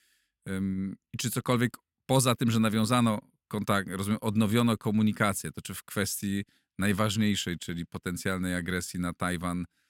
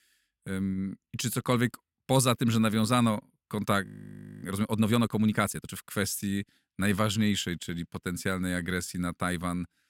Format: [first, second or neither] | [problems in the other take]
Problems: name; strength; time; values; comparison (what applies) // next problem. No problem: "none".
first | audio freezing; at 4 s for 0.5 s